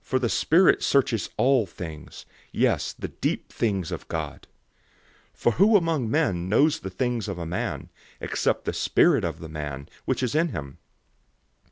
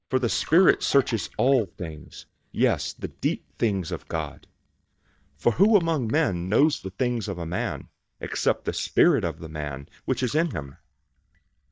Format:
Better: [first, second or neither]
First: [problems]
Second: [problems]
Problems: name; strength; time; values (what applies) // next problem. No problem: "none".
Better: first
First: none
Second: noise reduction (neural mask model DeepFilterNet 3)